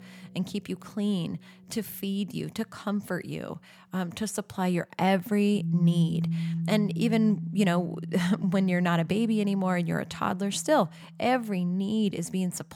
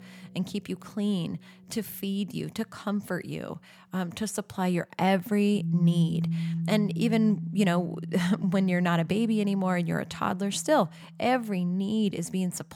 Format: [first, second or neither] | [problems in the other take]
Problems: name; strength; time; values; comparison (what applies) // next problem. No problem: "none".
neither | background music; loud; throughout; 5 dB below the speech; the same in both